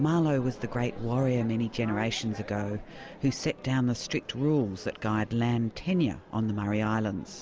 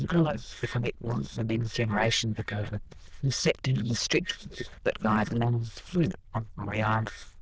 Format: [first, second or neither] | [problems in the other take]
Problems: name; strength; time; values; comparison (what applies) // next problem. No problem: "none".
first | noise reduction (neural diffusion model UNIVERSE++)